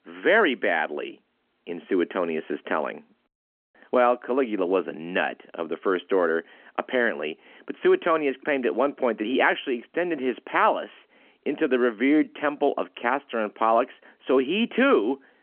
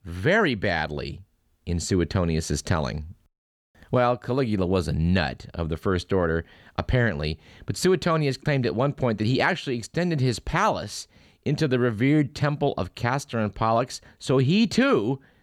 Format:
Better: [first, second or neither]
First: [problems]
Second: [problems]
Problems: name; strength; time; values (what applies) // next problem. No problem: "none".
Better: second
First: phone-call audio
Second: none